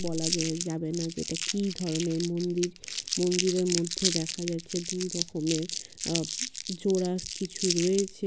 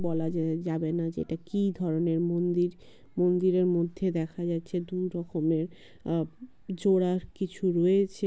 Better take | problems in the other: second | background sound (Crumpling, crinkling); 5 dB below the speech

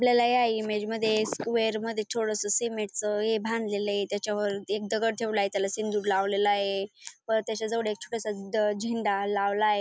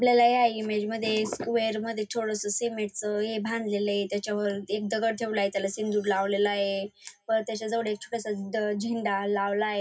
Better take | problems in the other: first | room echo; dies away in 0.4 s

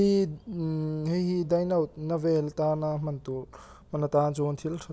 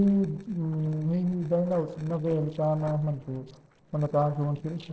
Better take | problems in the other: first | noise reduction (neural separator model SepFormer DNS4)

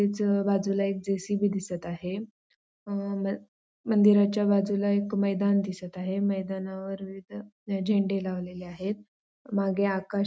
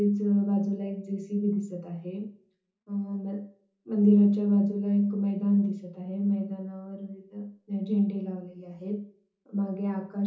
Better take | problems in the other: first | room echo; dies away in 0.6 s

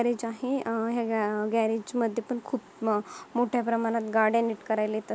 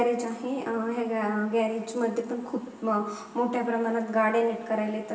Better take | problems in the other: first | room echo; dies away in 1.1 s

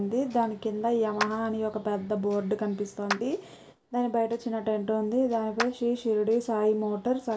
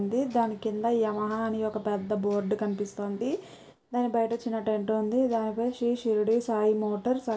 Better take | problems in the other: second | background sound (Clapping); 11 dB below the speech

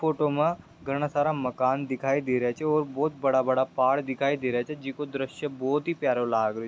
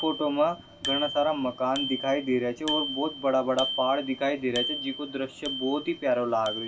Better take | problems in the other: first | background sound (Bicycle bell); 8 dB below the speech // room echo; dies away in 0.2 s

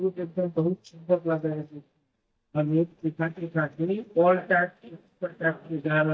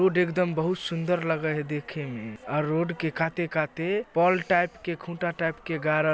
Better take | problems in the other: second | noise reduction (neural mask model DeepFilterNet 3)

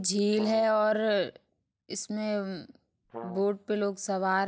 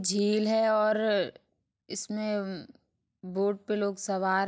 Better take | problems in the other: second | background sound (Brass instrument); 14 dB below the speech

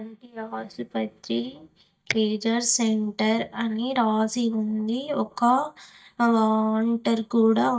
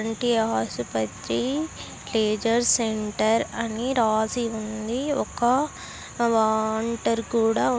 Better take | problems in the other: second | noise reduction (neural mask model DeepFilterNet 3)

